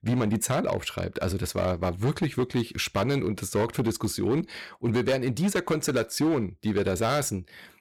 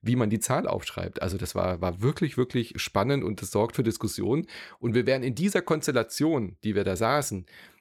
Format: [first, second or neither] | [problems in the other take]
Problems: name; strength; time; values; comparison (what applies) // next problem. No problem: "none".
second | distortion; slight; 9% of the sound clipped